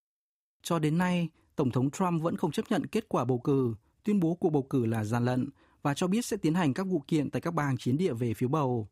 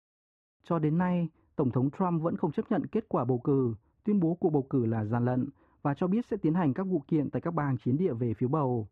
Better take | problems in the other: first | muffled; very; fading above 4 kHz

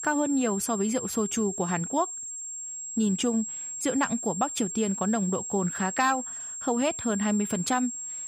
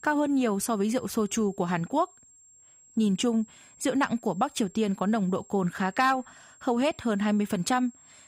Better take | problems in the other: second | high-pitched whine; loud; throughout; 7.5 kHz, 5 dB below the speech; faint in the second

